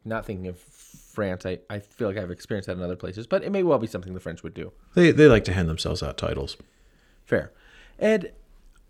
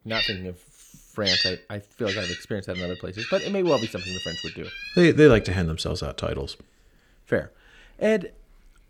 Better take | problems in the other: first | animal sounds; loud; throughout; 5 dB below the speech

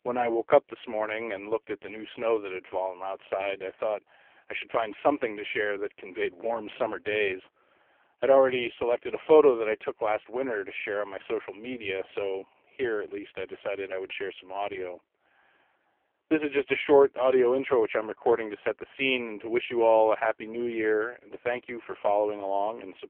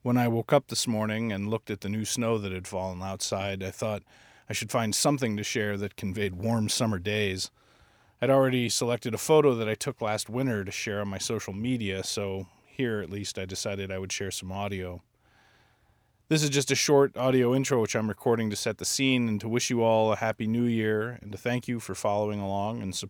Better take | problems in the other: second | phone-call audio; poor line; nothing above 3.5 kHz

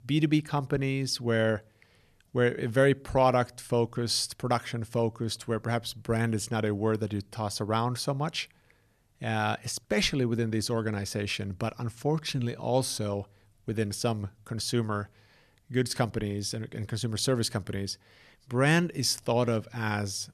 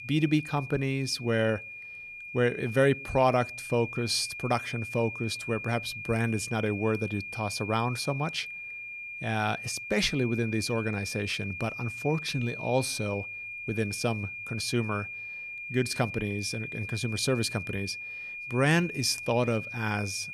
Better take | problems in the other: first | high-pitched whine; loud; throughout; 2.5 kHz, 8 dB below the speech

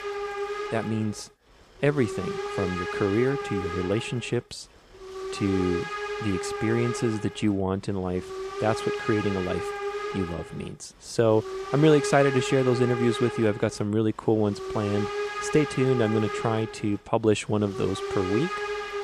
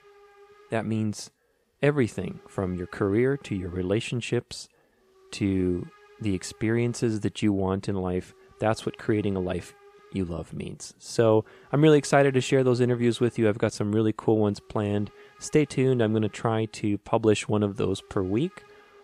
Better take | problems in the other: second | hiss; loud; throughout; 6 dB below the speech; faint in the second

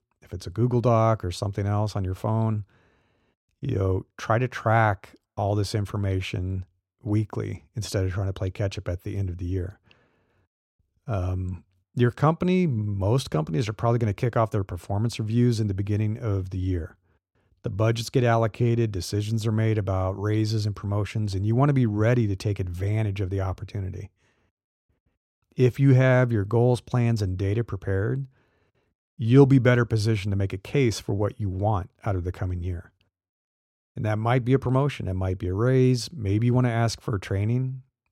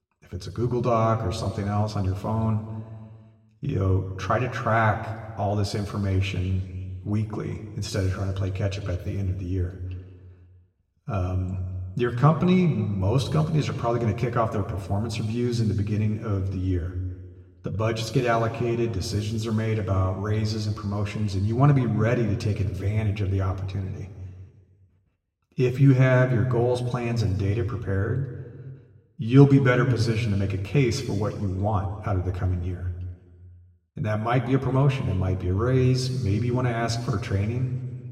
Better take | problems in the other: first | room echo; slight; dies away in 1.5 s // off-mic speech; somewhat distant

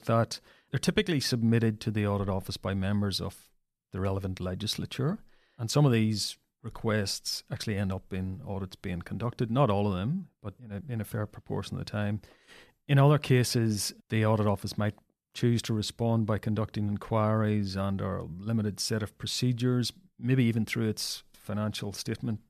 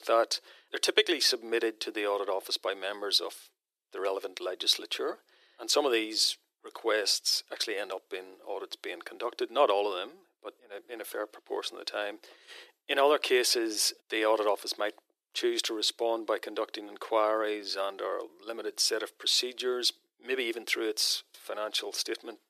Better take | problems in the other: first | thin; very; fading below 350 Hz

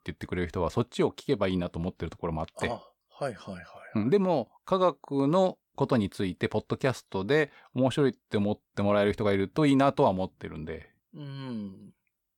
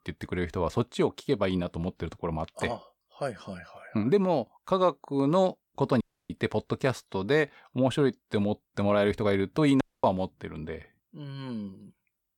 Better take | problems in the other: first | audio cutting out; at 6 s and at 10 s

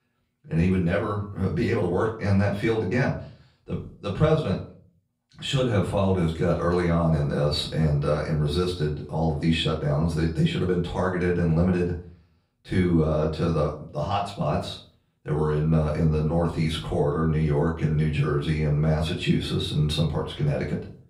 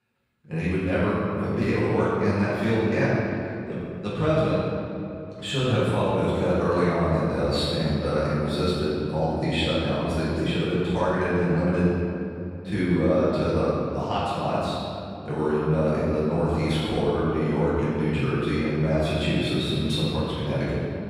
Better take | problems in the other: first | room echo; strong; dies away in 2.6 s; slight in the first // off-mic speech; far; far in the first

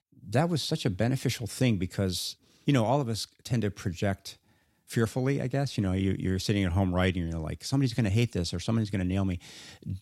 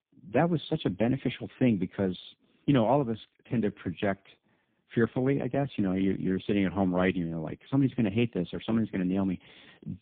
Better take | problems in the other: first | phone-call audio; poor line; nothing above 3.5 kHz

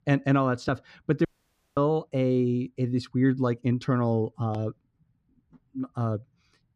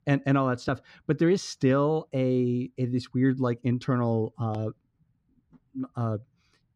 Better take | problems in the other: second | audio cutting out; at 1.5 s for 0.5 s

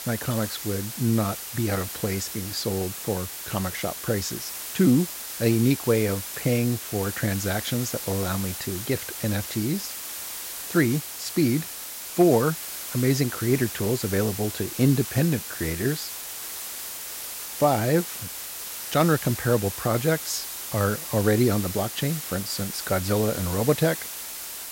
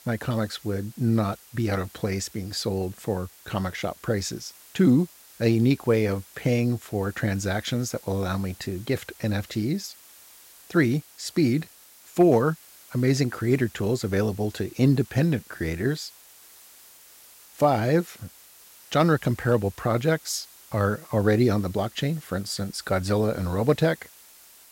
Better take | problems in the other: second | hiss; loud; throughout; 7 dB below the speech; faint in the second

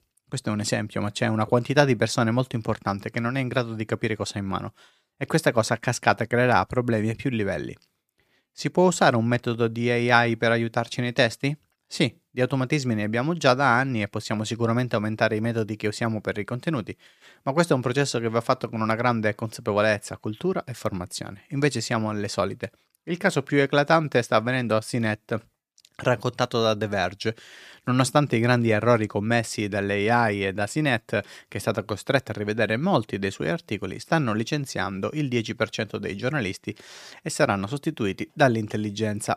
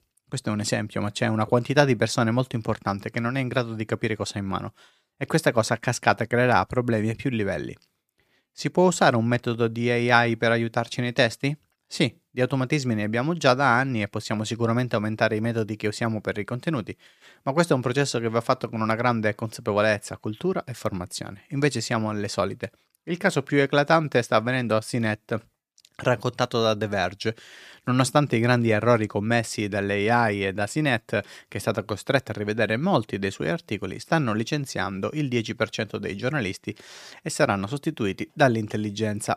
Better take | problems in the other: neither | none

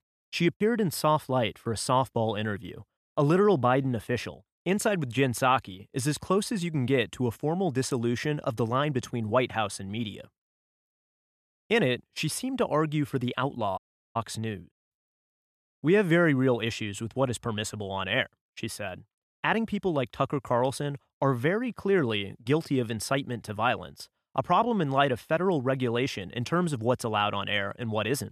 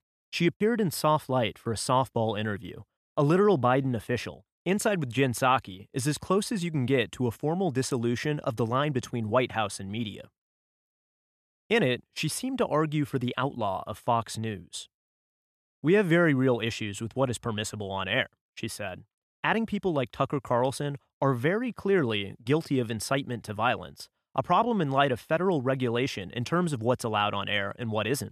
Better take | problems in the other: second | audio cutting out; at 14 s and at 15 s

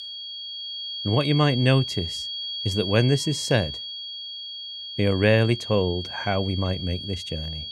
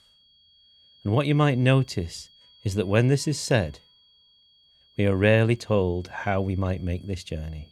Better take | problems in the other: second | high-pitched whine; loud; throughout; 3.5 kHz, 7 dB below the speech; faint in the second

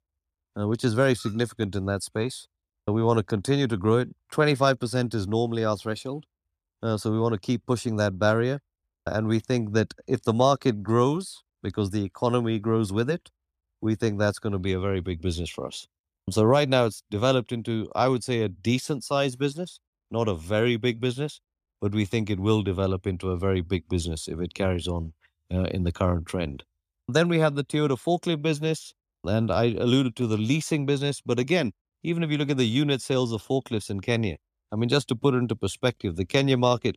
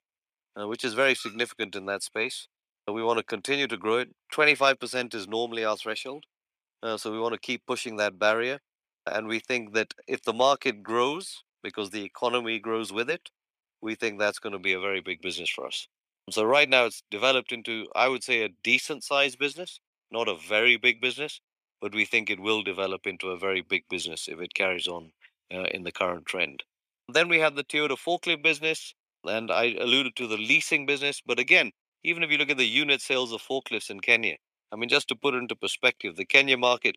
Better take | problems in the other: first | thin; somewhat; fading below 400 Hz

